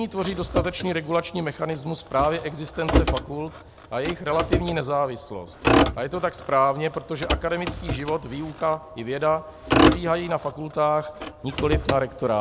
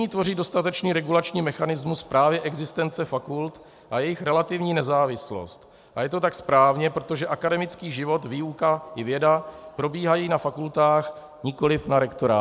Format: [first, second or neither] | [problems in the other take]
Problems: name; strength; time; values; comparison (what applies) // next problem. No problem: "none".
second | background sound (Motor vehicle (road)); 1 dB below the speech